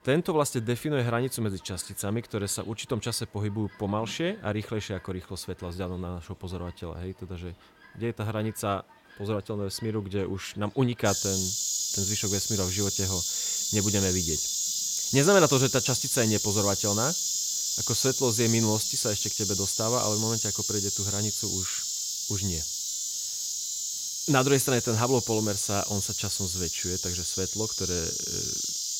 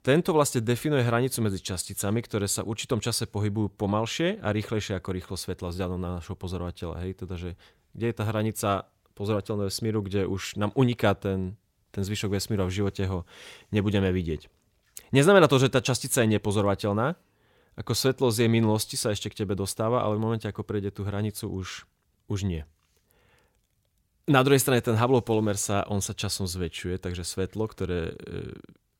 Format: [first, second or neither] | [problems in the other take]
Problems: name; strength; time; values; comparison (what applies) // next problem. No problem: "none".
second | animal sounds; very loud; throughout; 2 dB above the speech